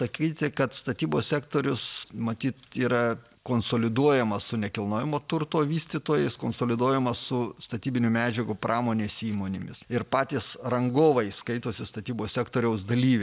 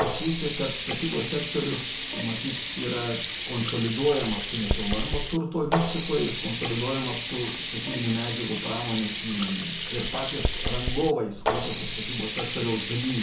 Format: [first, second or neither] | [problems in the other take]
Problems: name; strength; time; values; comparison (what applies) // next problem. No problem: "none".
first | background sound (Sink (filling or washing)); 1 dB below the speech // room echo; dies away in 0.6 s